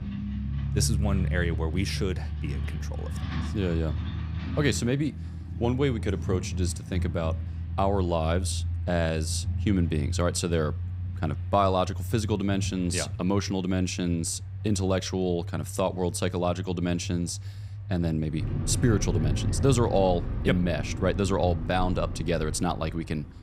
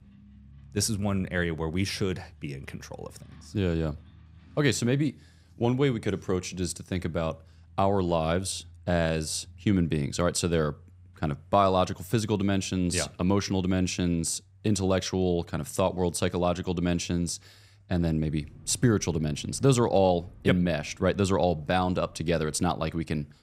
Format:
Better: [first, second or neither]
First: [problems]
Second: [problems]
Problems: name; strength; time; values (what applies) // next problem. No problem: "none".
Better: second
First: traffic noise; loud; throughout; 5 dB below the speech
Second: traffic noise; faint; throughout; 25 dB below the speech